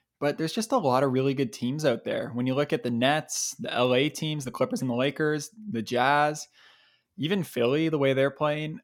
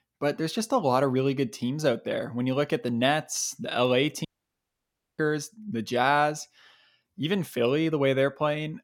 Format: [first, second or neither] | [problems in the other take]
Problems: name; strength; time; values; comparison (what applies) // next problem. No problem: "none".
first | audio cutting out; at 4.5 s for 1 s